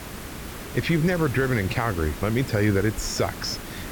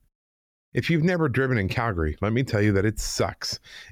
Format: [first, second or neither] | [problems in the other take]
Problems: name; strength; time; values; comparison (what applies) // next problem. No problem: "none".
second | hiss; noticeable; throughout; 10 dB below the speech